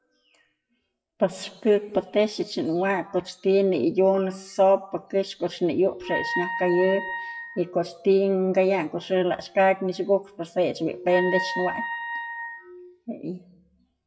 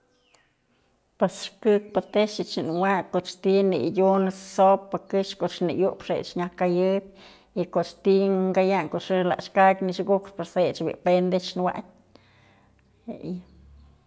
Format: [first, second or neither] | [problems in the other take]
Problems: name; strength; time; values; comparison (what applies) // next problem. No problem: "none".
second | noise reduction (classical method WPE with log-MMSE)